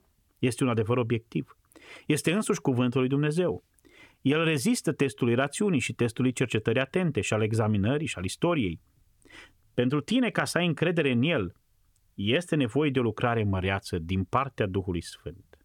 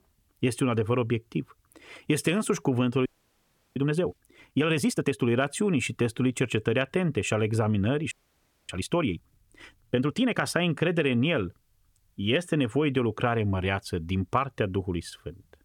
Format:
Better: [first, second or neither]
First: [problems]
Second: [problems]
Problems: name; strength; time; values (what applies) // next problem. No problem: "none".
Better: first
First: none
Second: audio freezing; at 3 s for 0.5 s and at 8 s for 0.5 s